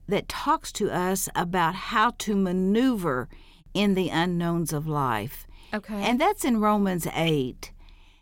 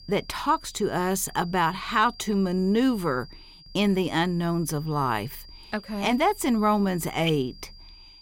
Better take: first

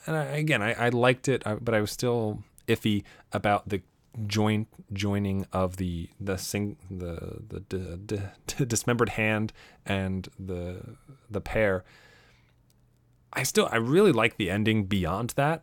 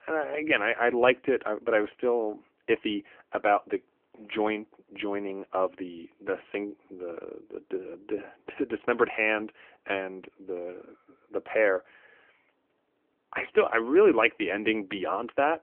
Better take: first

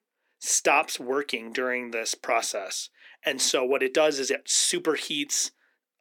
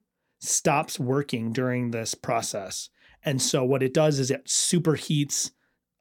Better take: second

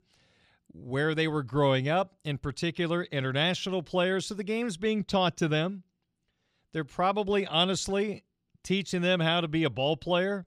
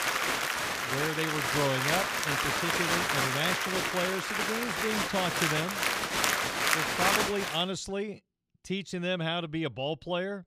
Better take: first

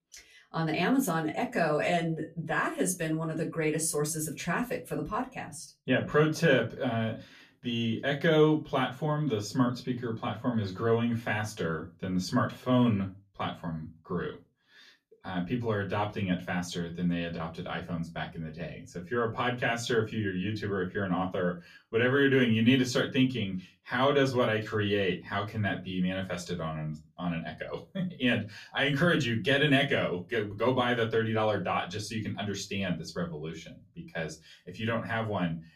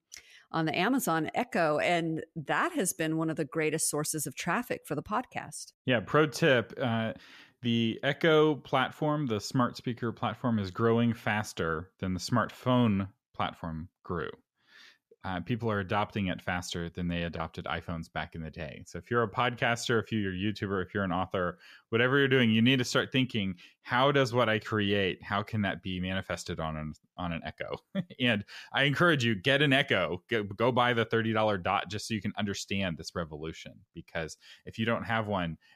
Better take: second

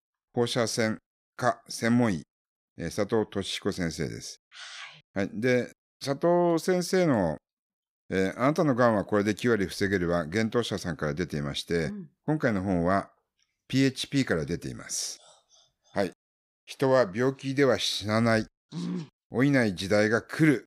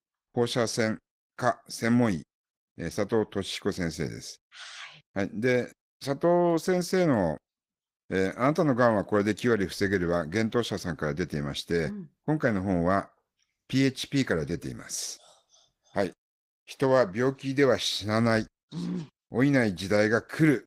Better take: first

